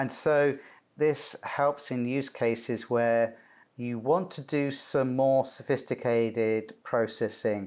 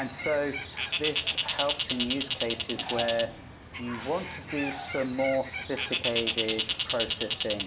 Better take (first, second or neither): first